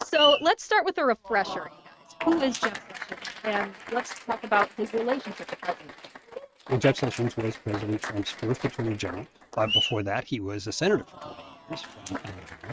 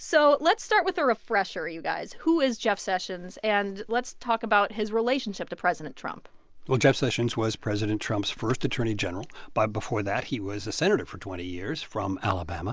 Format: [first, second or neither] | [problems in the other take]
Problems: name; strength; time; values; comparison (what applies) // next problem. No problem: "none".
second | noise reduction (neural mask model RNNoise)